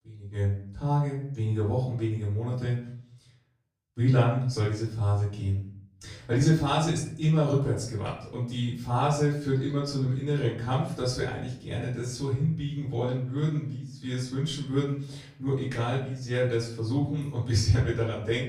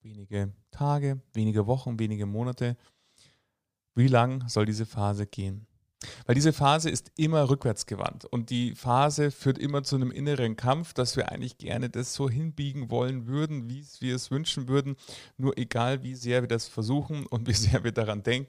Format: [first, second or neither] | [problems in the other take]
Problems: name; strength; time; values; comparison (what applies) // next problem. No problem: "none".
second | off-mic speech; far // room echo; slight; dies away in 0.6 s